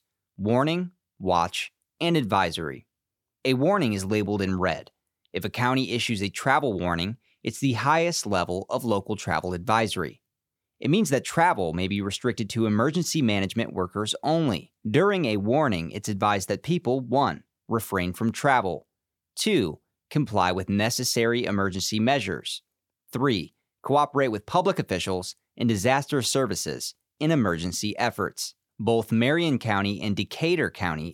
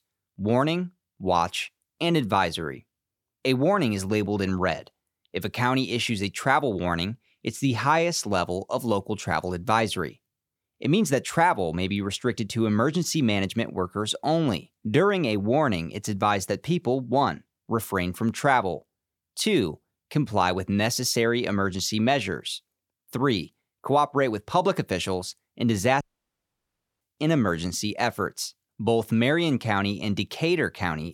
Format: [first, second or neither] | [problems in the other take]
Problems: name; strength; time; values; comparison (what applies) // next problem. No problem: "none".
first | audio cutting out; at 26 s for 1 s